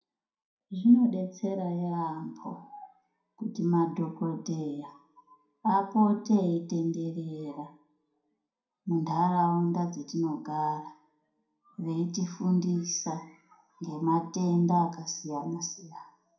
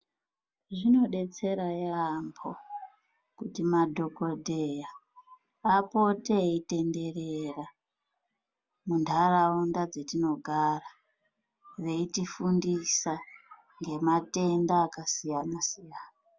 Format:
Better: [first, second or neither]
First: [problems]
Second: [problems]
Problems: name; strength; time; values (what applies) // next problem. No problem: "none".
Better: second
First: room echo; dies away in 0.4 s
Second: none